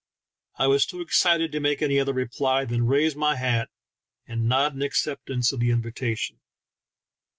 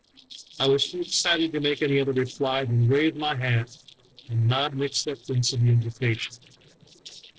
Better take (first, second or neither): first